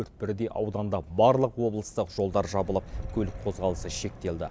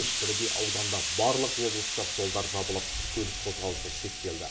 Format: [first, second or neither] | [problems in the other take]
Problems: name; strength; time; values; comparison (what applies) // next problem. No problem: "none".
first | background sound (Explosion); 1 dB above the speech // room echo; dies away in 0.5 s